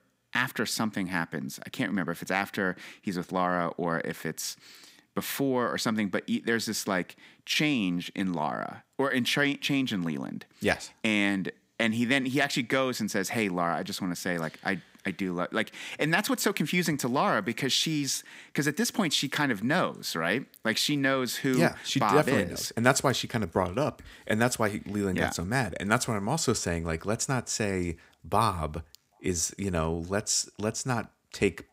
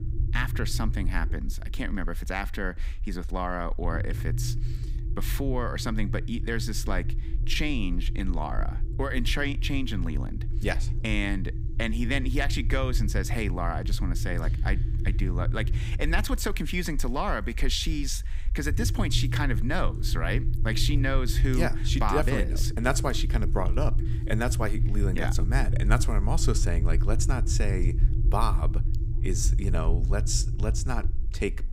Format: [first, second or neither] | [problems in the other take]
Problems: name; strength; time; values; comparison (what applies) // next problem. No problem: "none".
first | low rumble; noticeable; throughout; 15 dB below the speech